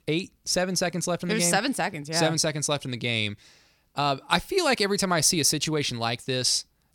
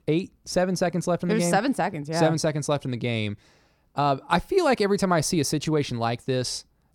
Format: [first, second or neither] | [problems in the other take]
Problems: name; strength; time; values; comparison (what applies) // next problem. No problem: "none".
first | muffled; slightly; fading above 1.5 kHz